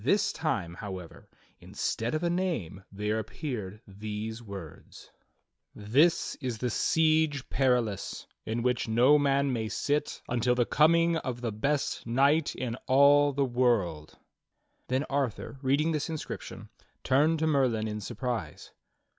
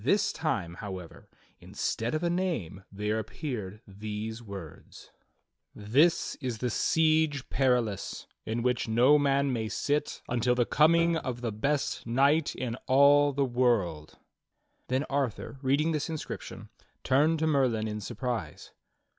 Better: first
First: none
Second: background sound (Piano); 19 dB below the speech

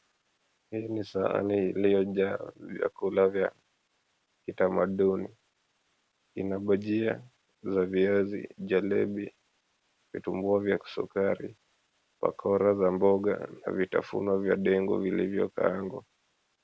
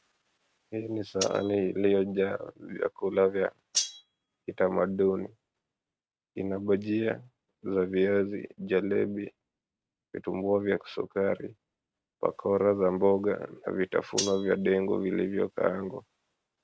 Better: first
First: none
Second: noise reduction (neural mask model RNNoise)

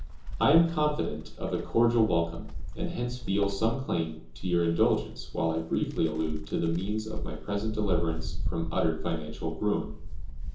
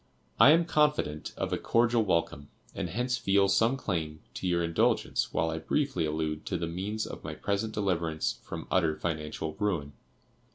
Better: second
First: background sound (Wind); 4 dB below the speech // room echo; dies away in 0.6 s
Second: none

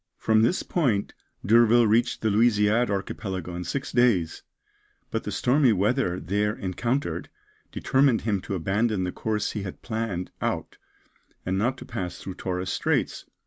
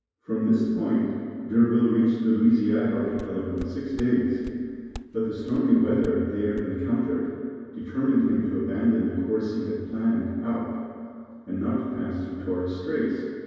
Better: first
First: none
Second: background sound (Walk, footsteps); 19 dB below the speech // room echo; dies away in 2.2 s

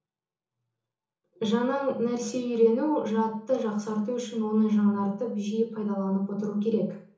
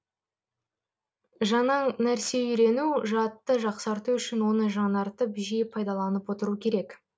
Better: second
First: room echo; dies away in 0.7 s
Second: none

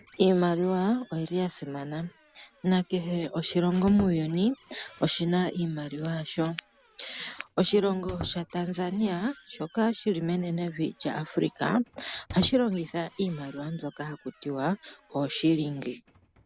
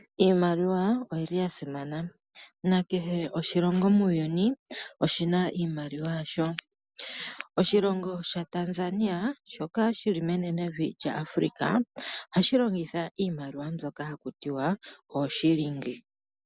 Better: second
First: background sound (Squeak); 20 dB below the speech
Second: none

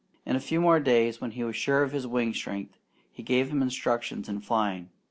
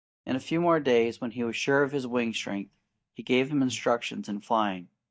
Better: first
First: none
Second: noise reduction (neural mask model DeepFilterNet 3)

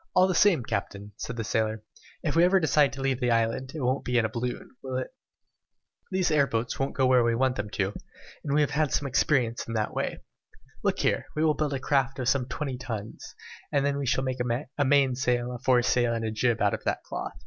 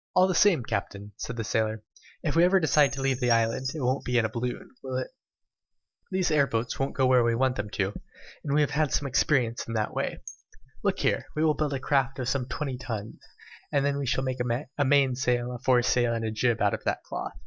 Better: first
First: none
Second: noise reduction (neural mask model DeepFilterNet 3)

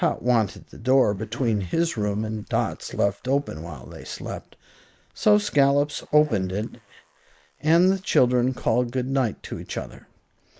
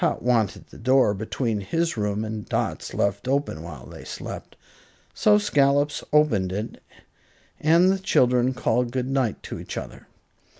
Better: second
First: noise reduction (neural mask model Resemble Enhance denoiser)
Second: none

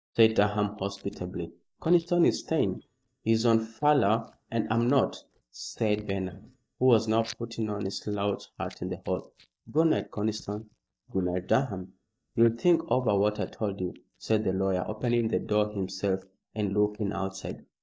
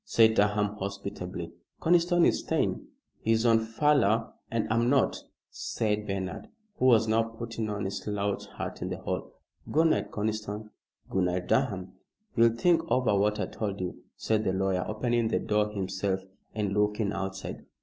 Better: second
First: noise reduction (neural mask model DeepFilterNet 3)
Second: none

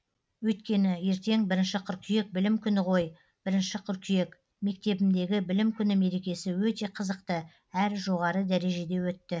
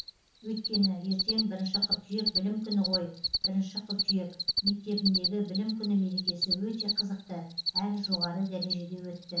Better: first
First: none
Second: background sound (Cricket); 1 dB below the speech // room echo; dies away in 0.8 s

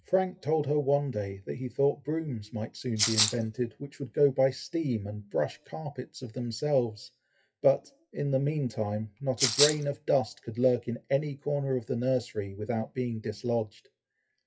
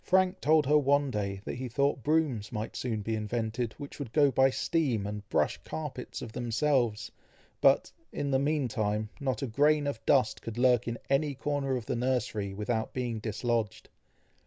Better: second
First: noise reduction (classical method WPE with log-MMSE)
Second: none

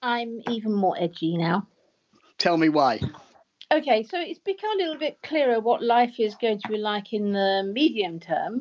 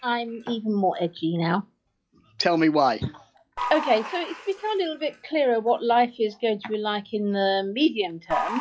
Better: first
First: none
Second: noise reduction (classical method log-MMSE)

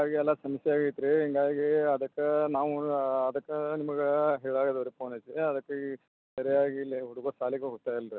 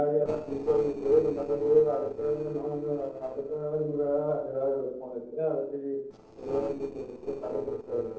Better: first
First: none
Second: noise reduction (neural separator model SepFormer DNS4)

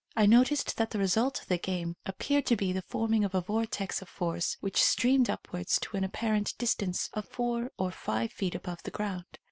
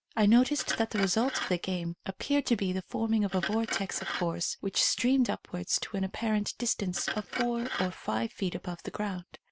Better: first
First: none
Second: background sound (Glass); 11 dB below the speech

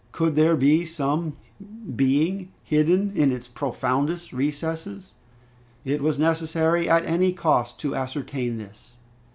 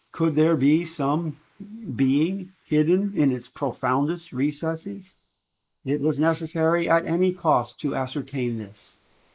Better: first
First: none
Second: noise reduction (neural mask model Resemble Enhance denoiser)

